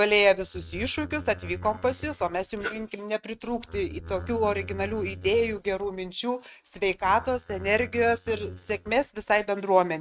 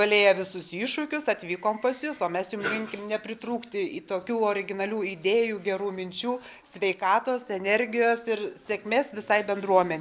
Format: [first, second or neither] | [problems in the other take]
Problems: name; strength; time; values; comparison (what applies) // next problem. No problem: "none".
second | noise reduction (neural mask model RNNoise)